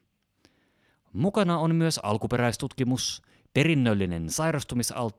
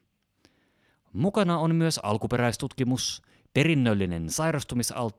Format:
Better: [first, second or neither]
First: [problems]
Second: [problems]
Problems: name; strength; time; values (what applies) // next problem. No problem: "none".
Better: neither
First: none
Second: none